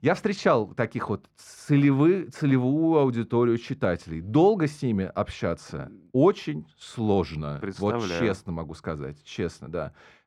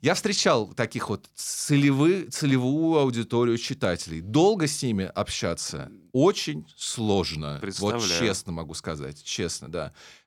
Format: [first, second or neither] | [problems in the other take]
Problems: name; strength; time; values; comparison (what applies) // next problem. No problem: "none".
second | muffled; very; fading above 3 kHz